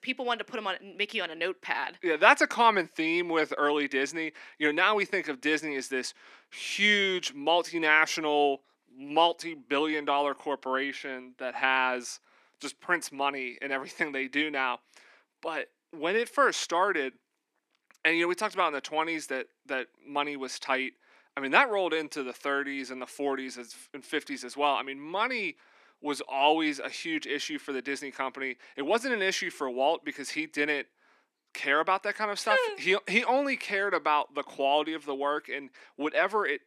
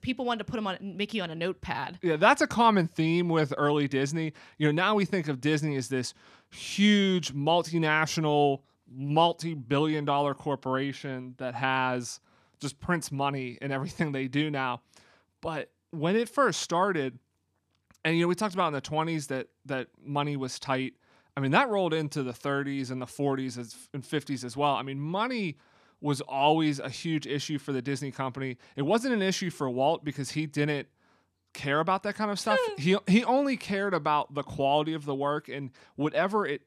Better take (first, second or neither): second